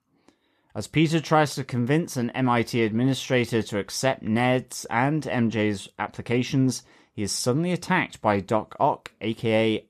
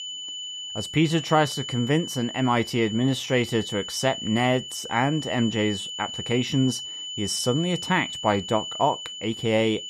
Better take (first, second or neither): first